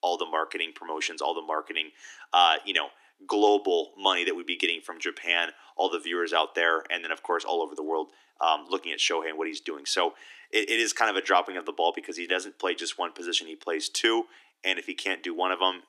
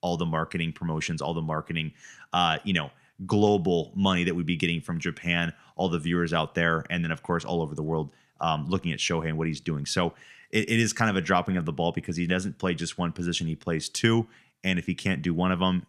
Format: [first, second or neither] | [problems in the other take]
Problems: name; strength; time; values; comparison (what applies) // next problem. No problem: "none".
second | thin; very; fading below 300 Hz